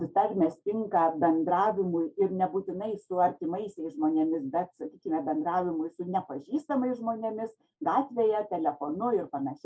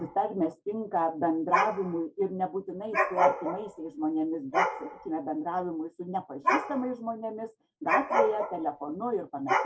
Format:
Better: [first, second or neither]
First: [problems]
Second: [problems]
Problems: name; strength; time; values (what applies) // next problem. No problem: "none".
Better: first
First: none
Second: background sound (Dog); 1 dB below the speech